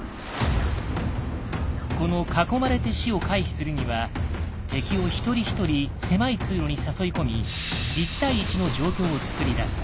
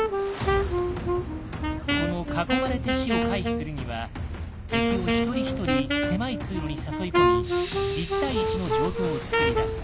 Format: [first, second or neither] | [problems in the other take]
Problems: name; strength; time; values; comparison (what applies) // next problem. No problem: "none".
first | background sound (Wind instrument, woodwind instrument); 3 dB above the speech